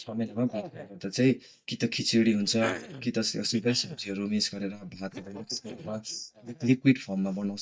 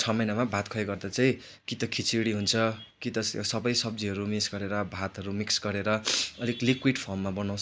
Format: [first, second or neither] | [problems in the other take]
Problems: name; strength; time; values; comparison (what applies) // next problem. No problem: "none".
second | noise reduction (neural mask model DeepFilterNet 3)